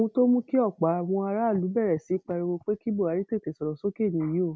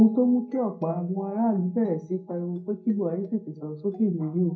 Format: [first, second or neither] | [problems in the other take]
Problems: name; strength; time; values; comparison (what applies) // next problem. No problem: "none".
first | noise reduction (neural mask model DeepFilterNet 3)